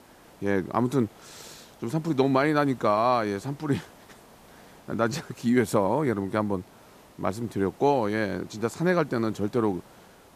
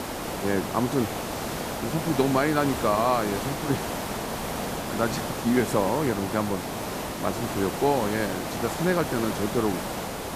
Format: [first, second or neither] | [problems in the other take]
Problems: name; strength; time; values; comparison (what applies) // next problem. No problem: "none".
first | hiss; loud; throughout; 4 dB below the speech; faint in the first